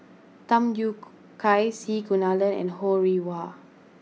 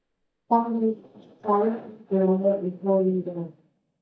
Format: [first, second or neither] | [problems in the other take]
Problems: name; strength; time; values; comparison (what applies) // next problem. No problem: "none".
first | noise reduction (neural mask model DeepFilterNet 3)